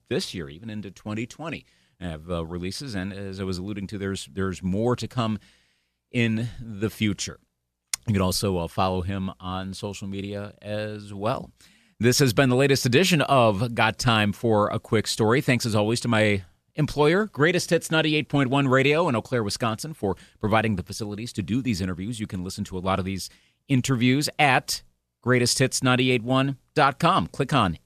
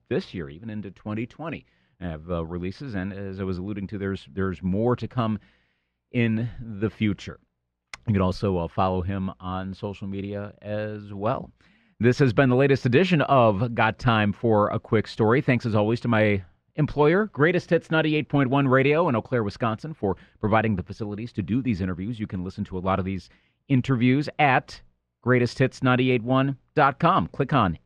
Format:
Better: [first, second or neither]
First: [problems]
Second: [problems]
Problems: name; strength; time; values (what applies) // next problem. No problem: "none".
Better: first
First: none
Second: muffled; very; fading above 2 kHz